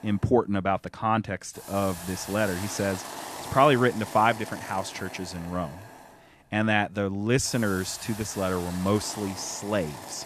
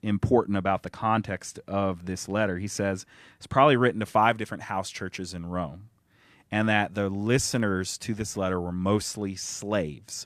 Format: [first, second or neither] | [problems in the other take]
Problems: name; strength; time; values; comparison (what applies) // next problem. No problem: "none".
second | hiss; noticeable; throughout; 10 dB below the speech